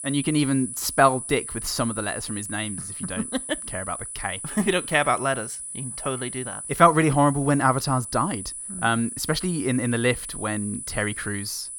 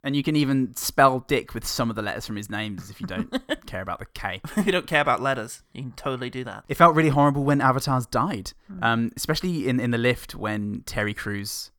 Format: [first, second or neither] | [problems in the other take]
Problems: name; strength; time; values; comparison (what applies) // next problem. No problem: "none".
second | high-pitched whine; loud; throughout; 10 kHz, 8 dB below the speech